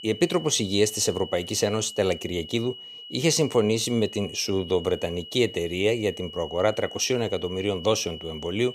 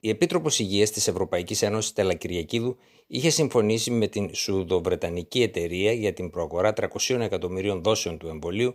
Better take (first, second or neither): second